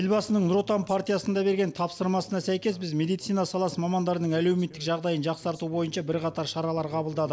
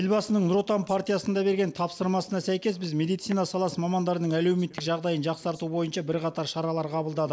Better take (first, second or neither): first